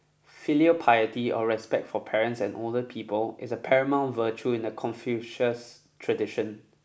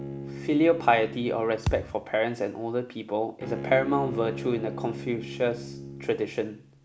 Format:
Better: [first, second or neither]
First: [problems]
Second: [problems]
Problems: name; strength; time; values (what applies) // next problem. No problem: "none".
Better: first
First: none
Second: background sound (Bowed string instrument + Thump, thud); 9 dB below the speech